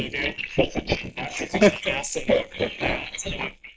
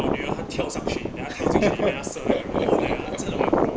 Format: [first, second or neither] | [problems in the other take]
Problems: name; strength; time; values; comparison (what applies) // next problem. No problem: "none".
second | noise reduction (neural mask model Resemble Enhance denoiser)